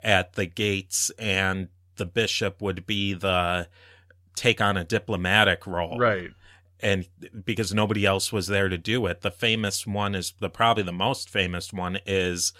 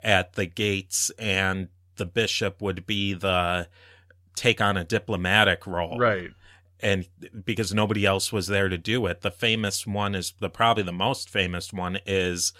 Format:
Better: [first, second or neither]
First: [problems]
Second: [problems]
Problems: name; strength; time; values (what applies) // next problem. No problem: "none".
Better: neither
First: none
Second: none